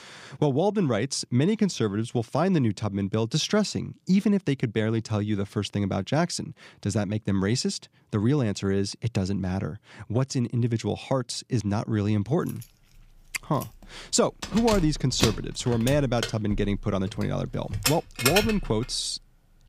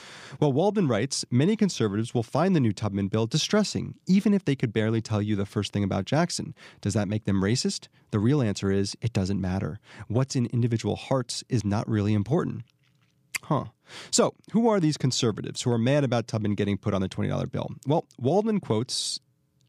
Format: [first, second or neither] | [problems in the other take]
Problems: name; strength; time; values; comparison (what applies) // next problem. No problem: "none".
second | jangling keys; loud; from 14 to 19 s; peak 3 dB above the speech